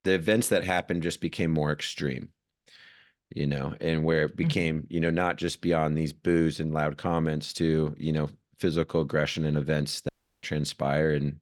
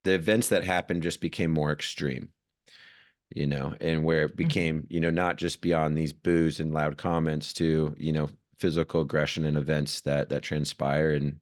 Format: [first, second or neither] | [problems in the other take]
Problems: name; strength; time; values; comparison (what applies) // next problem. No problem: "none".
second | audio cutting out; at 10 s